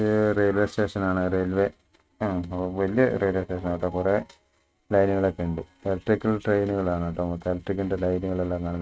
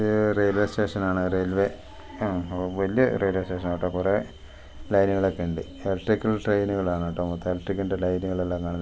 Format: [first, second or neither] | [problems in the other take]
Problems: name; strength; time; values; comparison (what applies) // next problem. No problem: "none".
second | noise reduction (neural mask model RNNoise)